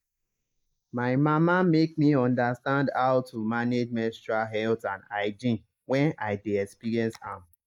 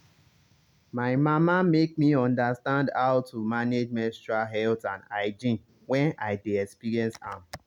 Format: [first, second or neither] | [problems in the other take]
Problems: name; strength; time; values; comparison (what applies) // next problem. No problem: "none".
second | noise reduction (neural mask model Resemble Enhance denoiser)